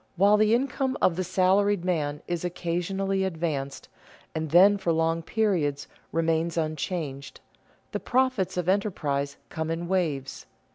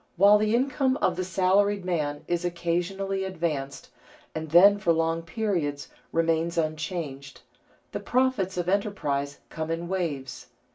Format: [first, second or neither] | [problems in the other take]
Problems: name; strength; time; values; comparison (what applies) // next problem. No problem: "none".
first | room echo; dies away in 0.2 s